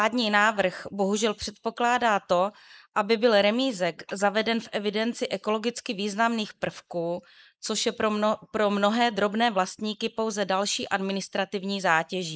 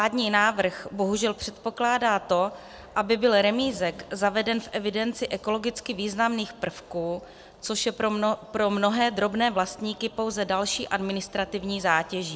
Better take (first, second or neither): second